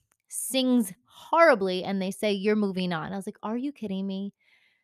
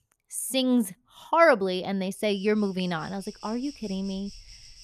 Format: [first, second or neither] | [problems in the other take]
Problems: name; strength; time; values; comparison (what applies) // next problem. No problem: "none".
first | animal sounds; faint; throughout; 20 dB below the speech